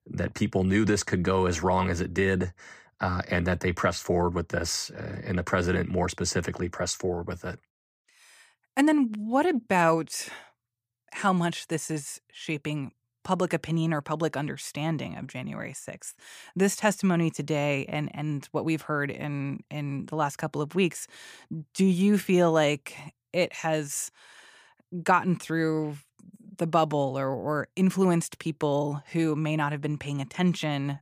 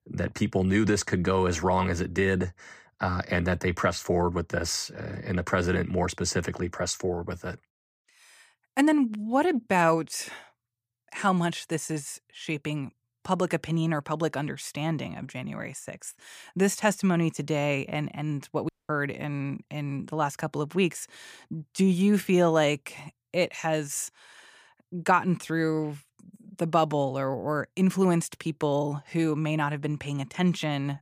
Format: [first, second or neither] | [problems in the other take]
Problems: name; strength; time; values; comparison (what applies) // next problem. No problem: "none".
first | audio cutting out; at 19 s